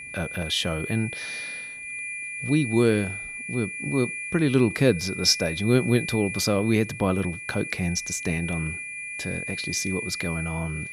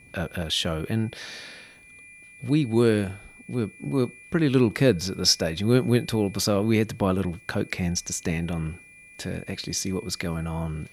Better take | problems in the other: second | high-pitched whine; loud; throughout; 2.5 kHz, 7 dB below the speech; faint in the second

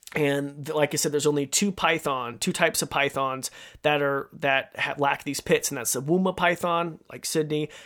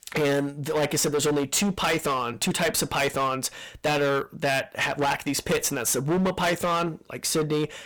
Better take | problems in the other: first | distortion; heavy; 19% of the sound clipped

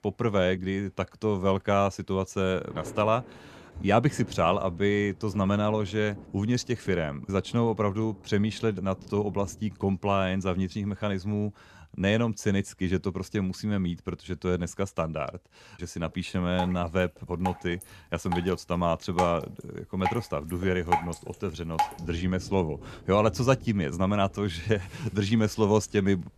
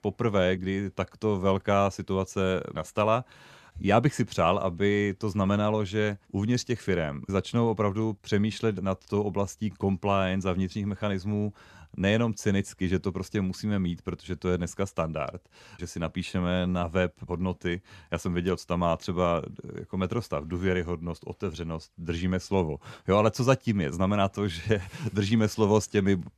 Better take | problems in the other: second | rain or running water; noticeable; throughout; 10 dB below the speech

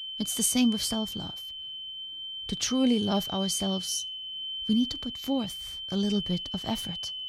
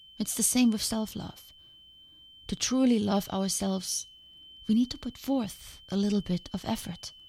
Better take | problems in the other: second | high-pitched whine; loud; throughout; 3 kHz, 5 dB below the speech; faint in the second

